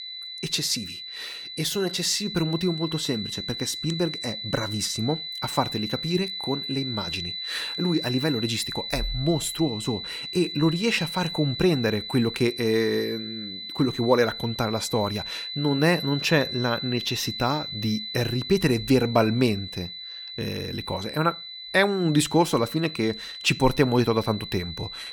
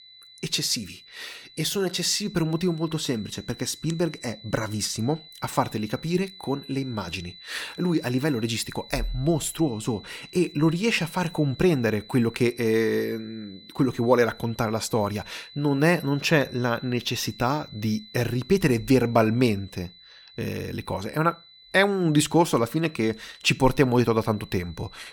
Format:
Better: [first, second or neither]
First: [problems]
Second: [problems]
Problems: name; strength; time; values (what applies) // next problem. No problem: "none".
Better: second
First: high-pitched whine; loud; throughout; 4 kHz, 7 dB below the speech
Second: high-pitched whine; faint; throughout; 4 kHz, 20 dB below the speech